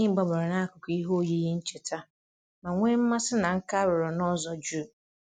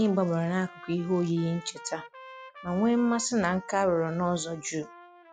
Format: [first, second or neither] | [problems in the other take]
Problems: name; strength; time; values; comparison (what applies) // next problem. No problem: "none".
first | background sound (Trumpet); 20 dB below the speech